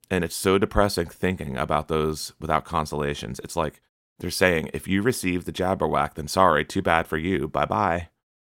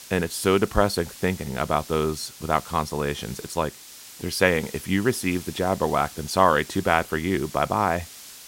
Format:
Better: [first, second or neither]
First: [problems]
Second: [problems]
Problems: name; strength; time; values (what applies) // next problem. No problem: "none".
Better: first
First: none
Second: hiss; noticeable; throughout; 15 dB below the speech